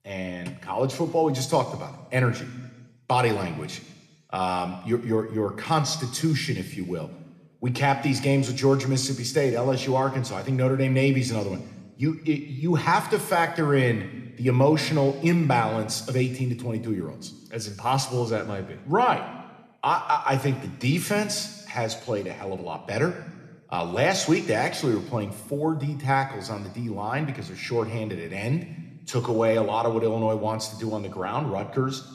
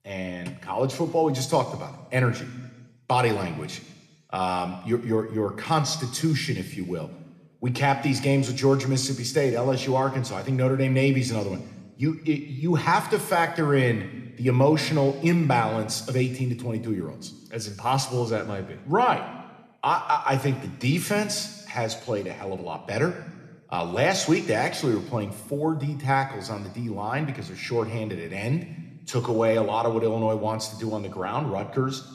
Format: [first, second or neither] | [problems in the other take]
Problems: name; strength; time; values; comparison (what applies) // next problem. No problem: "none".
neither | room echo; very slight; dies away in 1.2 s; the same in both